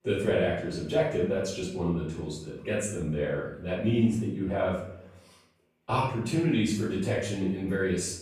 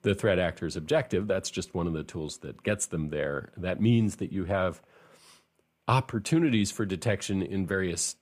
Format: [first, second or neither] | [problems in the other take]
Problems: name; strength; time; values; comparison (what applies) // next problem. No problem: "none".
second | off-mic speech; far // room echo; noticeable; dies away in 0.6 s